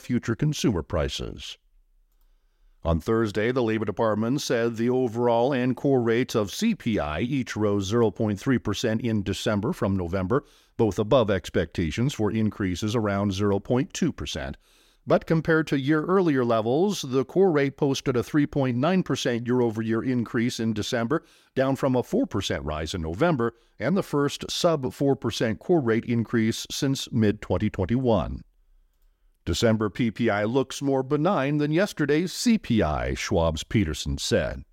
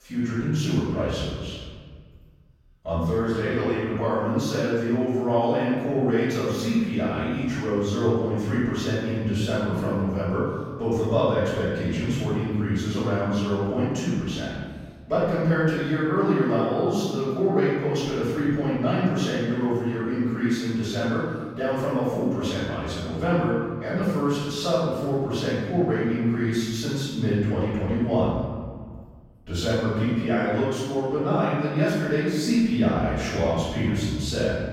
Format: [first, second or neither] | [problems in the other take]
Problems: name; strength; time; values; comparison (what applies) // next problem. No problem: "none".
first | off-mic speech; far // room echo; strong; dies away in 1.5 s